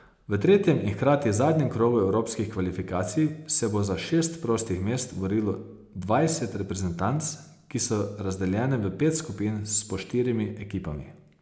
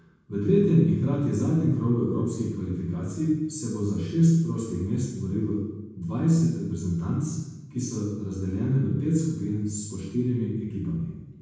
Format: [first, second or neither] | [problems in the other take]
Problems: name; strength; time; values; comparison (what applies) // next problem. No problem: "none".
first | room echo; dies away in 1.1 s